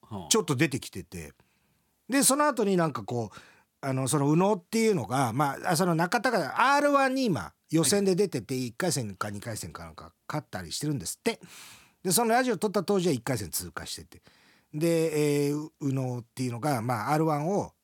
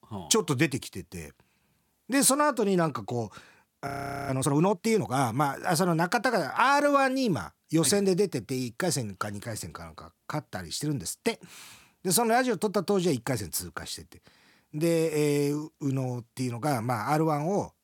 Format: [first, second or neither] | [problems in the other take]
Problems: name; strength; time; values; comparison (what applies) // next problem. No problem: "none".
first | audio freezing; at 4 s